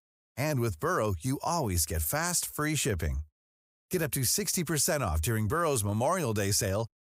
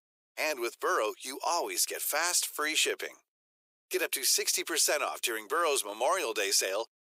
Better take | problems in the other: first | thin; very; fading below 350 Hz

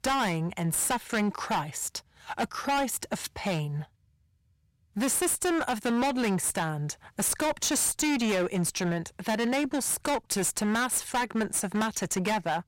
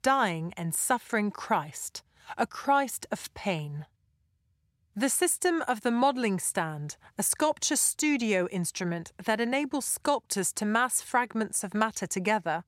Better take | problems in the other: second | distortion; heavy; 20% of the sound clipped

